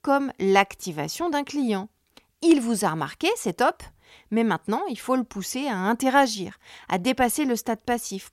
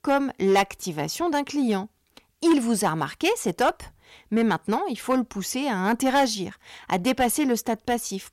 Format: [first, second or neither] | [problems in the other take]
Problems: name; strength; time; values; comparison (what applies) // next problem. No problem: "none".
first | distortion; slight; 3% of the sound clipped